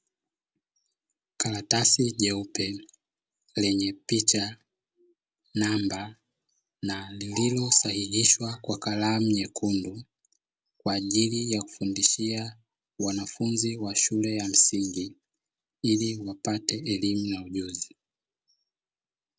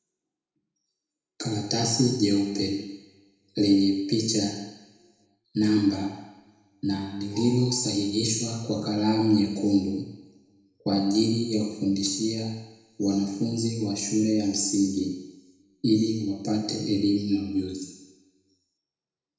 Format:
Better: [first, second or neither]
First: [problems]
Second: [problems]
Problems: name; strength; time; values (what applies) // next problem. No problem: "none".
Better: first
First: none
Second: room echo; dies away in 1 s